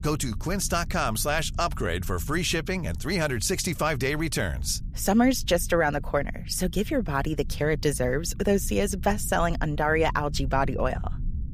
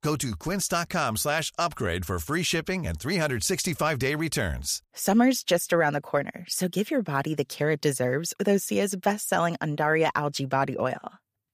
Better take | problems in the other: second | low rumble; faint; throughout; 25 dB below the speech

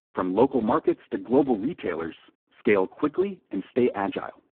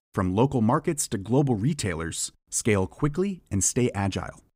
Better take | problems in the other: second | phone-call audio; poor line

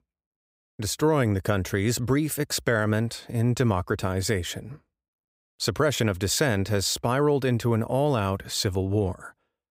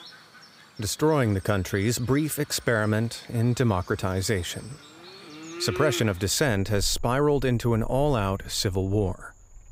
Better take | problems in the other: first | animal sounds; noticeable; throughout; 15 dB below the speech

